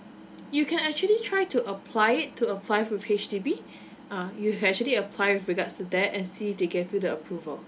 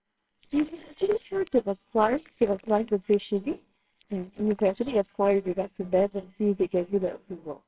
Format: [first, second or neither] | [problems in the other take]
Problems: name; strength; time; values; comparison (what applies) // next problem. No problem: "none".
first | noise reduction (neural separator model SepFormer WHAMR!)